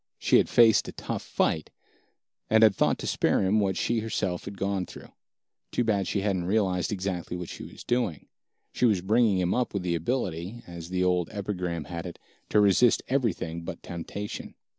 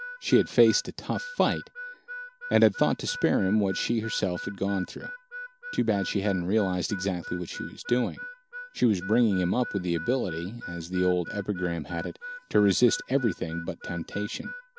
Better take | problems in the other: first | background sound (Harmonica); 13 dB below the speech

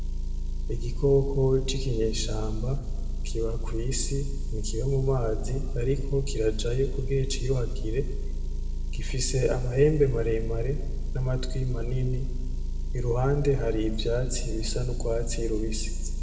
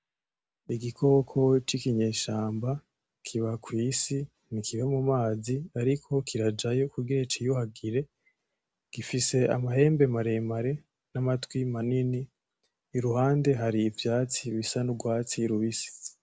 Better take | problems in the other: second | background sound (Motor vehicle (road) / Engine); 1 dB above the speech // room echo; dies away in 1.6 s

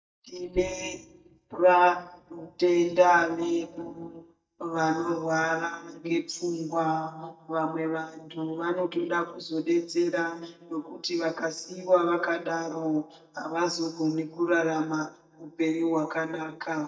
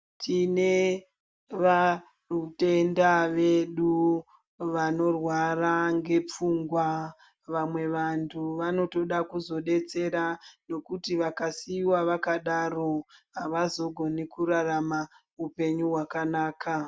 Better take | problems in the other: second | noise reduction (neural mask model DeepFilterNet 3)

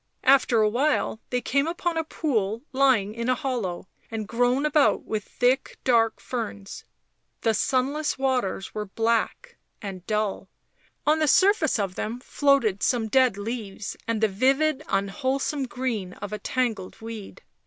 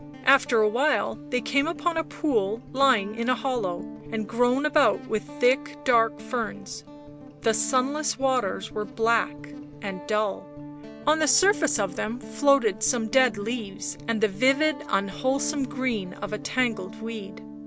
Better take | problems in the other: first | background sound (Guitar); 14 dB below the speech

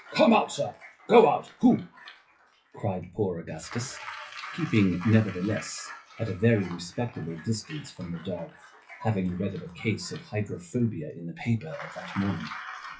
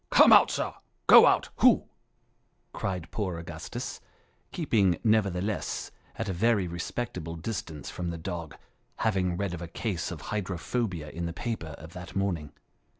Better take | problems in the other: second | noise reduction (classical method WPE with log-MMSE)

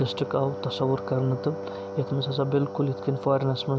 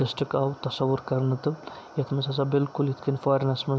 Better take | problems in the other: second | background sound (Wind instrument, woodwind instrument); 9 dB below the speech

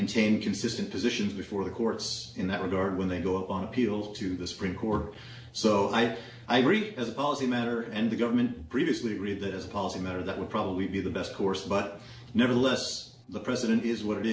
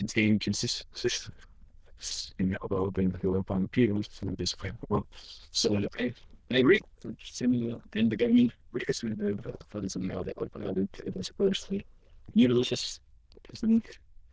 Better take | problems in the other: first | noise reduction (neural diffusion model UNIVERSE++)

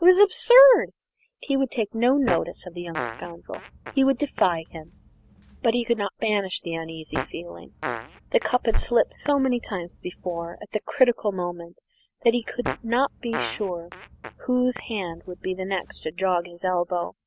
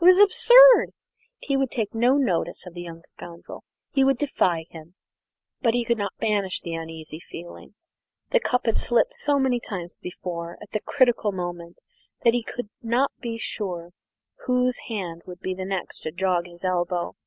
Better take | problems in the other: second | background sound (Fart); 13 dB below the speech

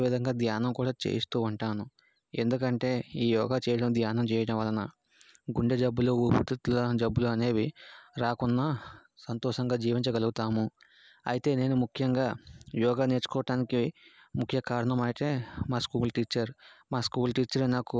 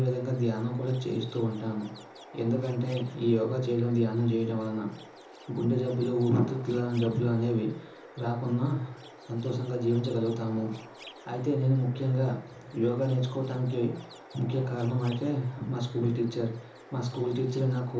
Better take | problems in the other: first | background sound (Chirp, tweet); 20 dB below the speech // room echo; dies away in 0.7 s

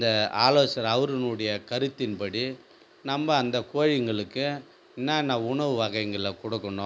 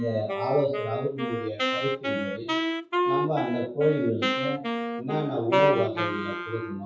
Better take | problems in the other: first | noise reduction (classical method WPE with log-MMSE)

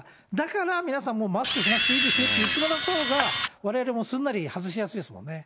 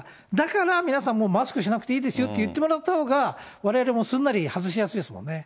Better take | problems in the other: second | background sound (Camera); 3 dB above the speech

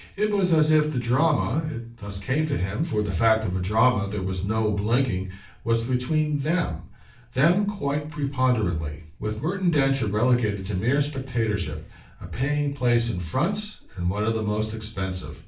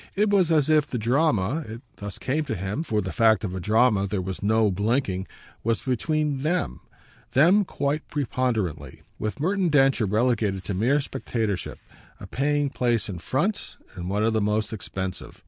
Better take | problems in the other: second | room echo; dies away in 0.3 s

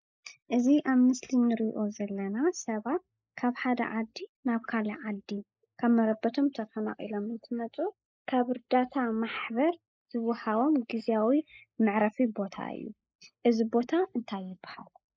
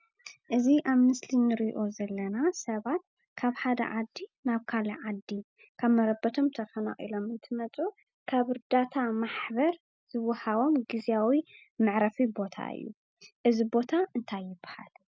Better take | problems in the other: second | noise reduction (neural mask model Resemble Enhance denoiser)

